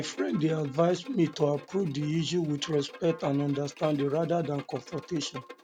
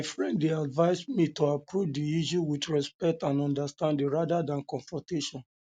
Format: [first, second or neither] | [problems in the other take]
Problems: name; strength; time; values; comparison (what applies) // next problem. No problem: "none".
second | background sound (Bowed string instrument); 18 dB below the speech